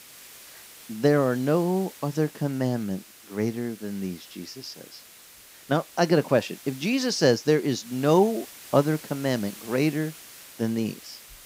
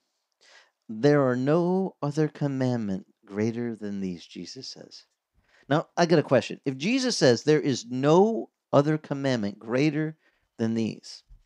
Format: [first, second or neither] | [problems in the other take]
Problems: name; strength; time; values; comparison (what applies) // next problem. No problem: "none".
second | hiss; noticeable; throughout; 20 dB below the speech